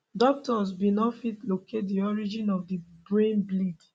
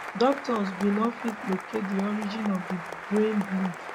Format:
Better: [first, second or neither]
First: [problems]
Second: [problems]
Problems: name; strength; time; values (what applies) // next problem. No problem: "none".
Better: first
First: none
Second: background sound (Applause); 9 dB below the speech